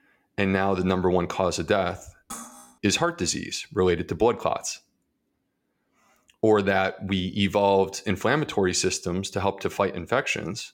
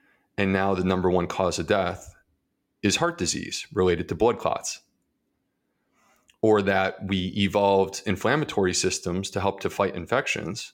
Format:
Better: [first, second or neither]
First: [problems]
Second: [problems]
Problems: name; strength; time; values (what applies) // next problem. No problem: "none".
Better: second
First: clattering dishes; faint; at 2.5 s; peak 15 dB below the speech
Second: none